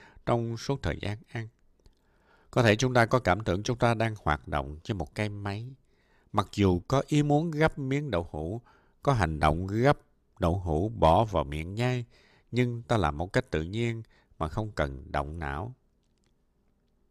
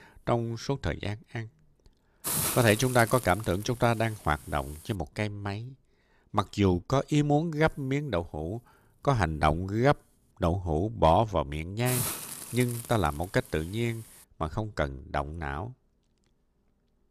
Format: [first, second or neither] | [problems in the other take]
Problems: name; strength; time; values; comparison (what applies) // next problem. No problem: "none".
first | hiss; loud; until 5 s and from 7.5 to 14 s; 6 dB below the speech